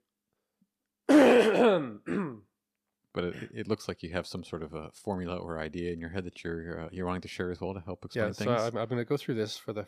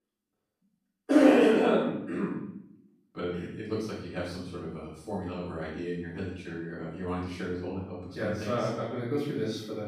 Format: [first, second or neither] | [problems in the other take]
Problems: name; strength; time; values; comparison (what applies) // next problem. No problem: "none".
first | room echo; noticeable; dies away in 0.6 s // off-mic speech; far